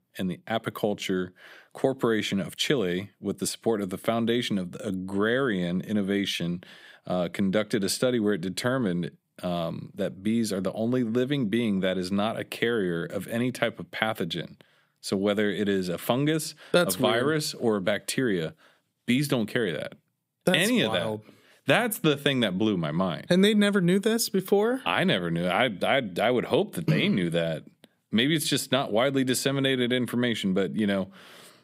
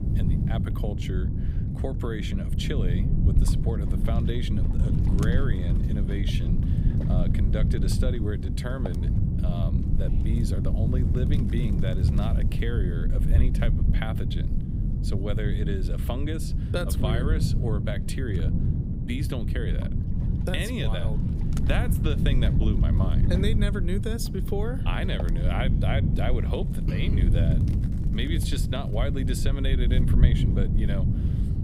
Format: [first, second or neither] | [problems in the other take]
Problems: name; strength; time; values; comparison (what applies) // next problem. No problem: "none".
first | wind noise on the microphone; heavy; 3 dB below the speech